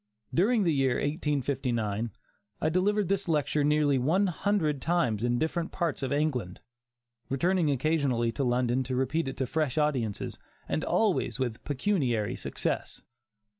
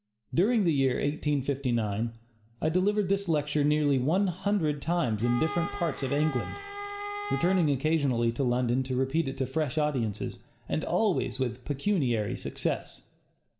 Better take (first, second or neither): first